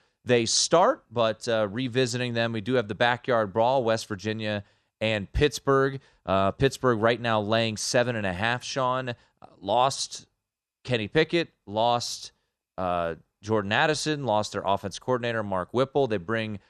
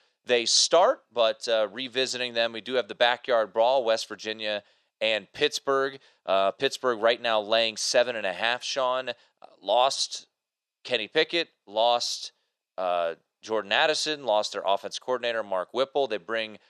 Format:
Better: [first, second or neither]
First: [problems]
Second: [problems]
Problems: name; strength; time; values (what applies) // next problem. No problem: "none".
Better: first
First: none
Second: thin; somewhat; fading below 350 Hz